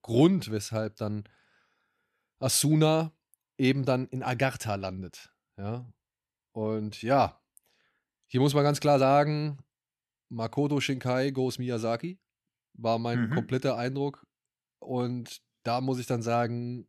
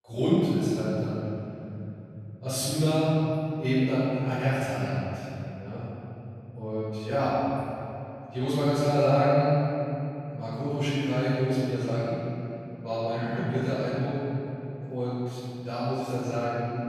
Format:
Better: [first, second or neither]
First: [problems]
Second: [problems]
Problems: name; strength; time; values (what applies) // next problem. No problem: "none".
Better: first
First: none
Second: off-mic speech; far // room echo; strong; dies away in 3 s